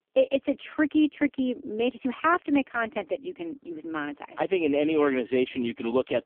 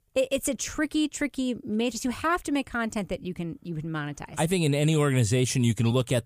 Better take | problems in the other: second | phone-call audio; poor line; nothing above 3.5 kHz

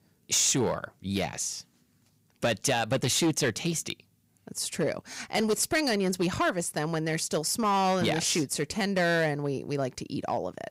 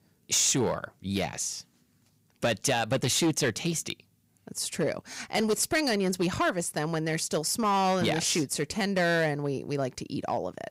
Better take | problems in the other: neither | distortion; slight; 6% of the sound clipped; the same in both

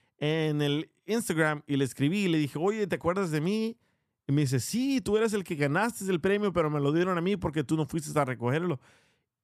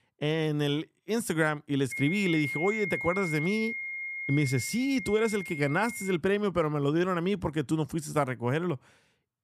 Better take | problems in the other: first | high-pitched whine; loud; from 2 to 6 s; 2 kHz, 5 dB below the speech

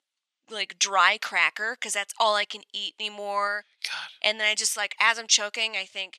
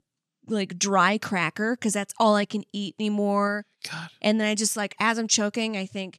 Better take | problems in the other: second | thin; very; fading below 800 Hz

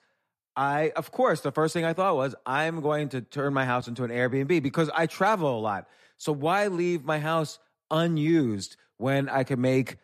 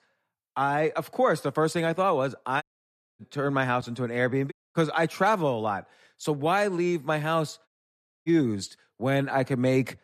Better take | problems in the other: first | audio cutting out; at 2.5 s for 0.5 s, at 4.5 s and at 7.5 s for 0.5 s

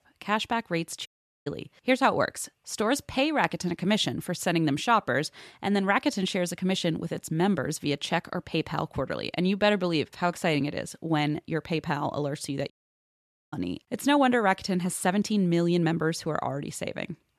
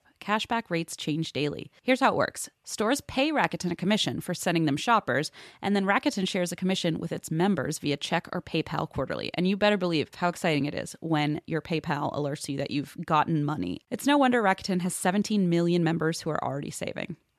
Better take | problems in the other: second | audio cutting out; at 1 s and at 13 s for 1 s

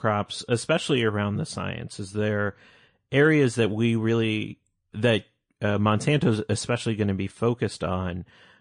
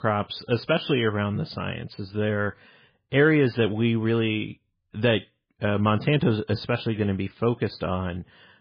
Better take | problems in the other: first | garbled, watery; badly; slightly in the first

